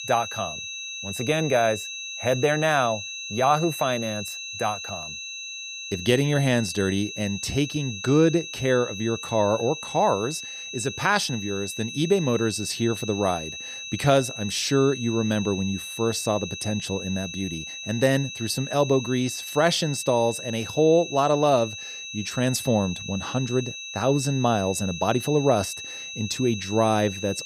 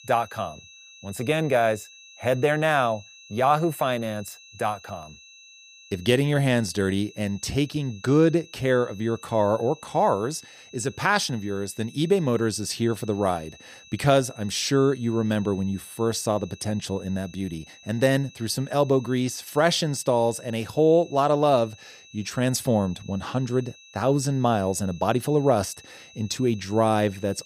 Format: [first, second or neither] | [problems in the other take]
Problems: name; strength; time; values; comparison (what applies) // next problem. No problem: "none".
second | high-pitched whine; loud; throughout; 4 kHz, 9 dB below the speech; faint in the second